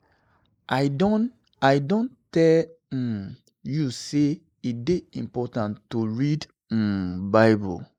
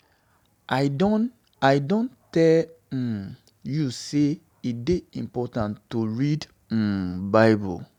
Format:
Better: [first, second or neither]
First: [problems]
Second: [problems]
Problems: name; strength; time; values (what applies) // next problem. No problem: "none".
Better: second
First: noise reduction (neural mask model Resemble Enhance denoiser)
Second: none